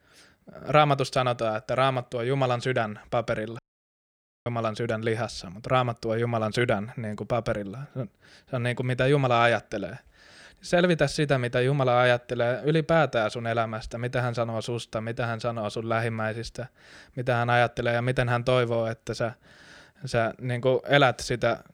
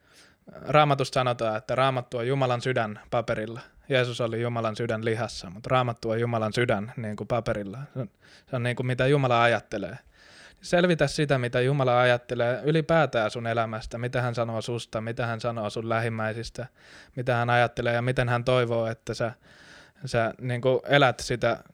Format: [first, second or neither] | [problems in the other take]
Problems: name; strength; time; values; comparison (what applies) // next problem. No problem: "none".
second | audio cutting out; at 3.5 s for 1 s